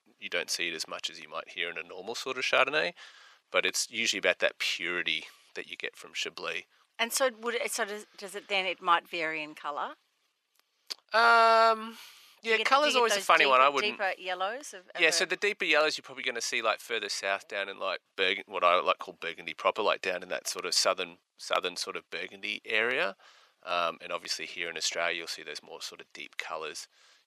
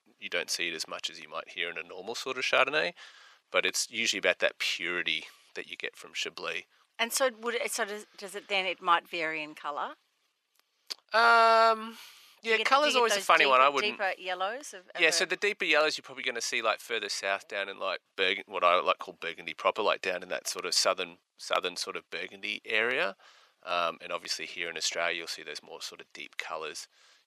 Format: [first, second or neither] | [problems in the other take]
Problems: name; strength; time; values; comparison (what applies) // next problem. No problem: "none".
neither | thin; very; fading below 500 Hz; the same in both